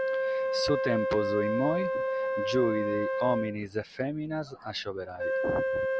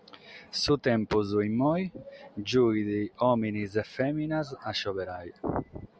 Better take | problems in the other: second | background sound (Wind instrument, woodwind instrument); 1 dB above the speech

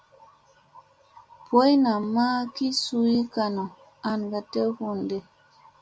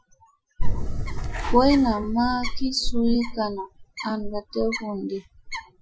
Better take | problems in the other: first | noise reduction (classical method Wiener filter)

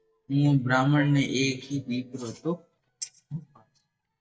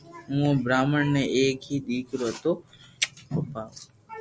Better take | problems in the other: second | noise reduction (neural mask model DeepFilterNet 3)

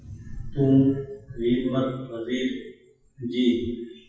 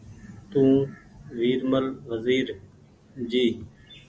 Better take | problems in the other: second | noise reduction (classical method WPE with log-MMSE)

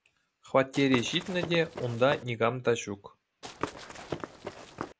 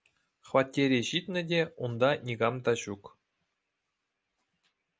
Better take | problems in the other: second | background sound (Walk, footsteps / Run); 9 dB below the speech

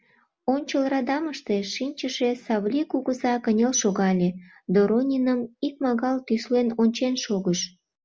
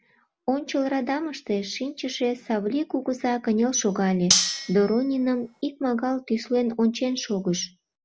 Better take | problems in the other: first | background sound (Cutlery, silverware); 1 dB below the speech

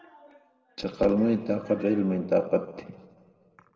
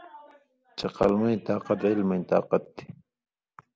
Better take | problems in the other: second | room echo; dies away in 1.4 s

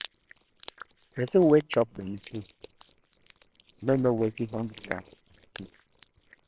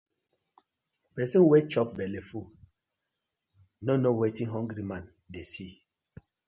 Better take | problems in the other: second | noise reduction (neural separator model SepFormer WHAMR!)

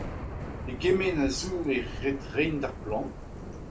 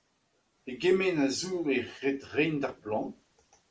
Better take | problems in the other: second | background sound (Thunder / Rain); 7 dB below the speech

